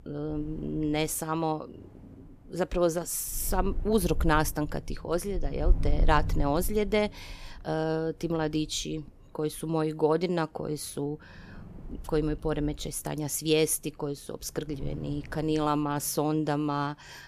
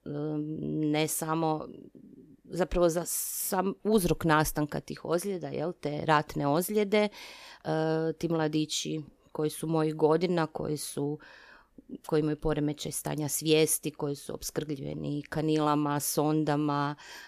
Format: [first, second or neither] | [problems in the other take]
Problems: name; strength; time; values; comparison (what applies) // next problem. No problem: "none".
second | wind noise on the microphone; occasional gusts; 25 dB below the speech